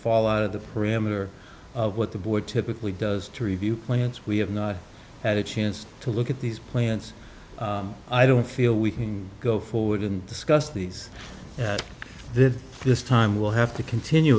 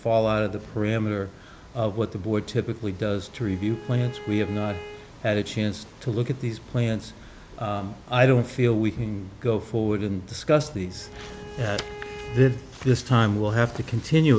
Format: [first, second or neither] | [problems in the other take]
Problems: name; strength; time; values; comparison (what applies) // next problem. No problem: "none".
first | background sound (Bowed string instrument); 17 dB below the speech